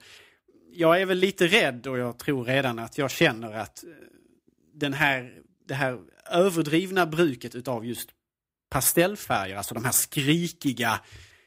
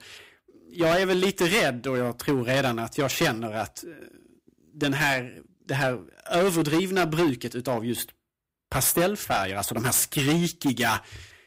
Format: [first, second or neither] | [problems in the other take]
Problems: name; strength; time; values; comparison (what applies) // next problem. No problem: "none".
first | distortion; heavy; 10% of the sound clipped